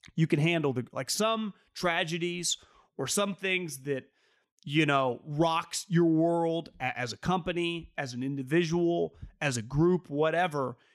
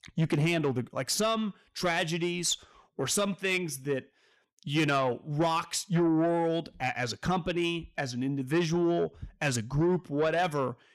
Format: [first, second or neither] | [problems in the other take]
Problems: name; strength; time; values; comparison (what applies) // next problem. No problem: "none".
first | distortion; slight; 10 dB below the speech